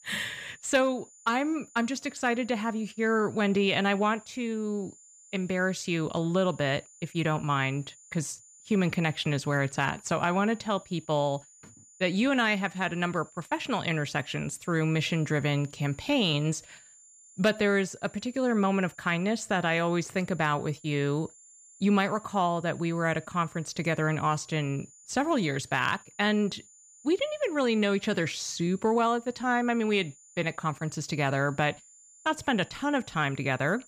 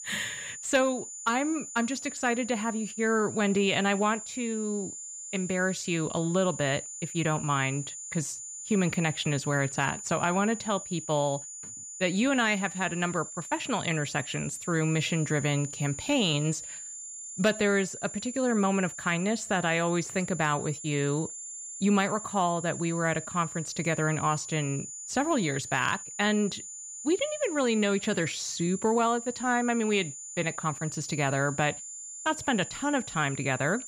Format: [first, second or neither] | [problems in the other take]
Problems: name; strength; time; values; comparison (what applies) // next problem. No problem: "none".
first | high-pitched whine; loud; throughout; 7 kHz, 9 dB below the speech; faint in the first